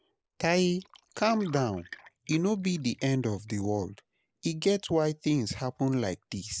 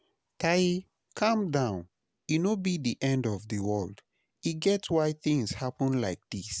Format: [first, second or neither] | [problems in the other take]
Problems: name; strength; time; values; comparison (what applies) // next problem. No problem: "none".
second | noise reduction (neural mask model Resemble Enhance denoiser)